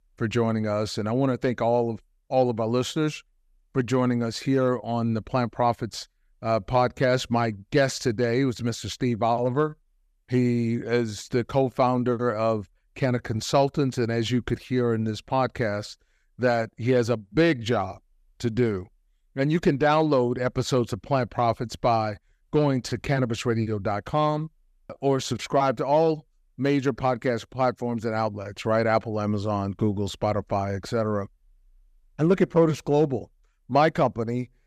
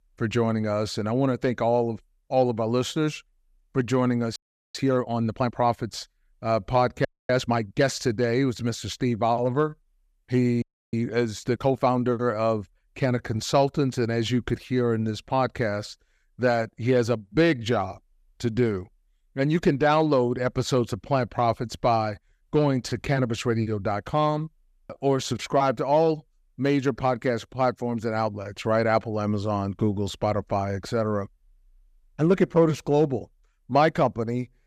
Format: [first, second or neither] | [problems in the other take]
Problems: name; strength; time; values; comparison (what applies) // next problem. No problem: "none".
first | audio freezing; at 4.5 s, at 7 s and at 11 s